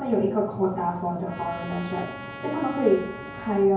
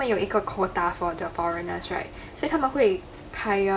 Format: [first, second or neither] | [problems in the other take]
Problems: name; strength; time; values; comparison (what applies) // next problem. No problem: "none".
second | background sound (Trumpet); 16 dB below the speech // room echo; dies away in 0.9 s